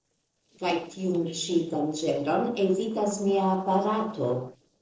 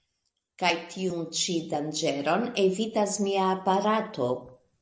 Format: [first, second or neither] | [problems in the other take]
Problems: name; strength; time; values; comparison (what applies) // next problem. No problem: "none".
second | noise reduction (neural separator model SepFormer DNS4)